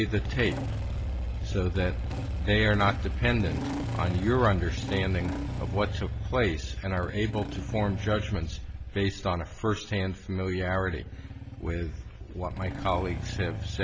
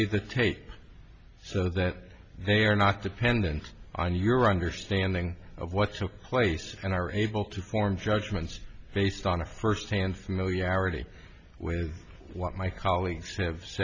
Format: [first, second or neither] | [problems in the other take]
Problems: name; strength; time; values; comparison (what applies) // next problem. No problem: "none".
second | background sound (Engine starting / Motorcycle); 4 dB below the speech